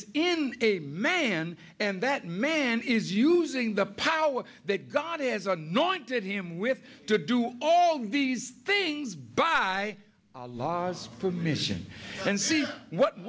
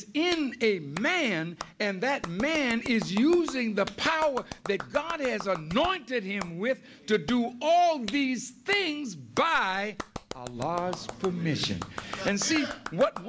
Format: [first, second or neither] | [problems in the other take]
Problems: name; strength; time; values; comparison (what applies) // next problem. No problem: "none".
first | background sound (Clapping); 15 dB below the speech